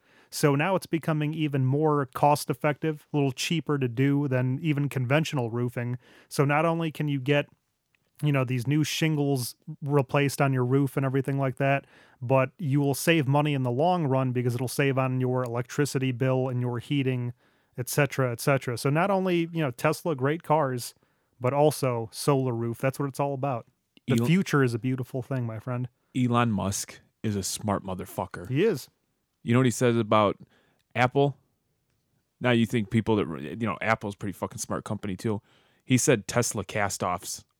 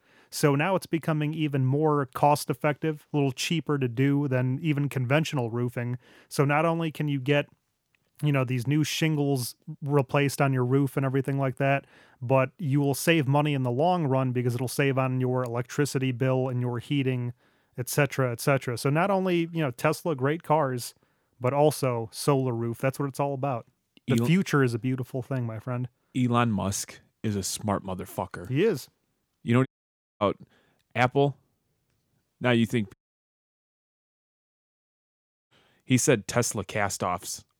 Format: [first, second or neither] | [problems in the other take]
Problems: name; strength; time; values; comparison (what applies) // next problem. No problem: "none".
first | audio cutting out; at 30 s for 0.5 s and at 33 s for 2.5 s